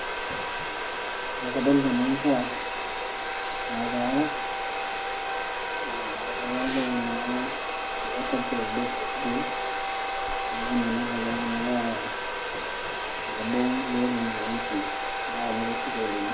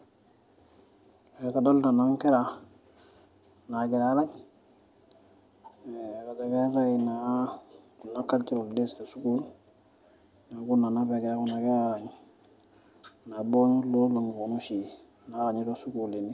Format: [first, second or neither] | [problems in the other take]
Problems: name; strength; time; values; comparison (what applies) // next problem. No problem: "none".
second | background sound (Domestic sounds, home sounds); as loud as the speech // room echo; dies away in 0.3 s